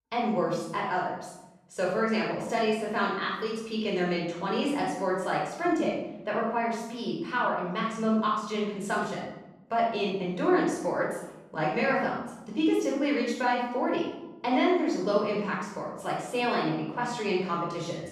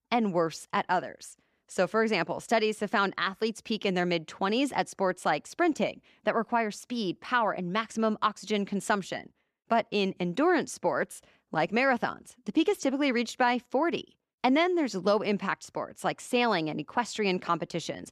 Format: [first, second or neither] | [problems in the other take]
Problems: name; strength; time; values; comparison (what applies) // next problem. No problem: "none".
second | off-mic speech; far // room echo; noticeable; dies away in 0.9 s